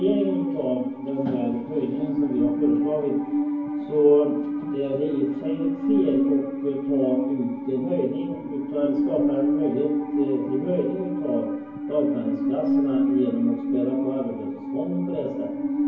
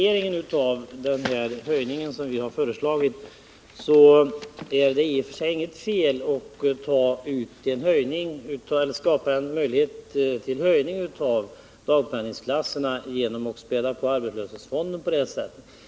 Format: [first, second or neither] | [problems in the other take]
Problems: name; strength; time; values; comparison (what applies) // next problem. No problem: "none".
second | background sound (Musical instrument); as loud as the speech // room echo; dies away in 0.9 s